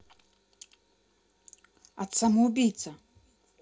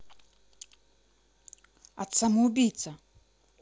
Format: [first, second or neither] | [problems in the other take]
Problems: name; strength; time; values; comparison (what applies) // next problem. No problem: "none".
second | room echo; dies away in 0.3 s